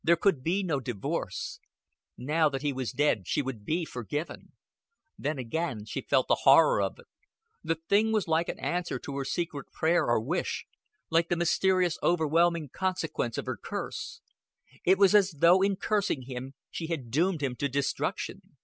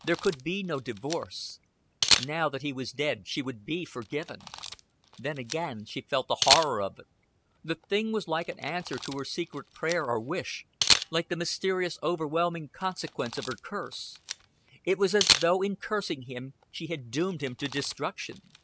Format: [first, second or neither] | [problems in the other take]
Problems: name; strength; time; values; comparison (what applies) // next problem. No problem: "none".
first | background sound (Camera); 3 dB below the speech